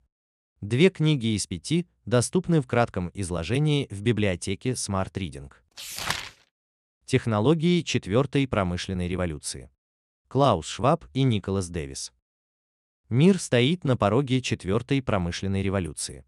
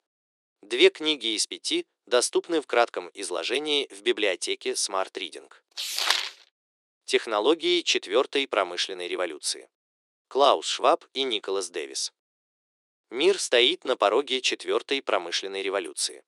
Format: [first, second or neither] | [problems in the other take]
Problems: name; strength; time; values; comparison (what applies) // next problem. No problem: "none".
first | thin; very; fading below 350 Hz